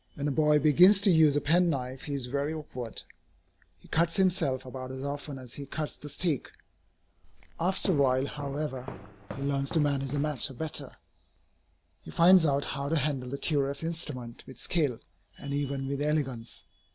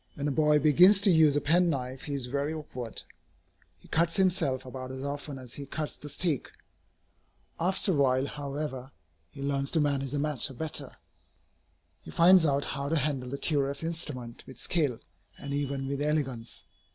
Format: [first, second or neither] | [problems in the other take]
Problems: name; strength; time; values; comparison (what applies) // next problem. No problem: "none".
second | background sound (Walk, footsteps + Squeak / Tools); 14 dB below the speech